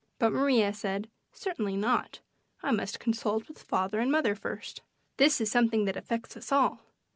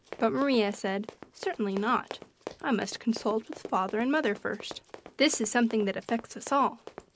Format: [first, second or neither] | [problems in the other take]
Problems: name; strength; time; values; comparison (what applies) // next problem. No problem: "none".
first | background sound (Run); 17 dB below the speech